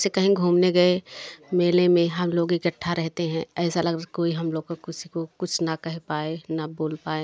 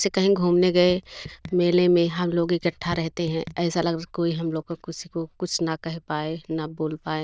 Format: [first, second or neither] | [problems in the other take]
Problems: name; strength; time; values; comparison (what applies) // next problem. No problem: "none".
first | noise reduction (neural diffusion model UNIVERSE++)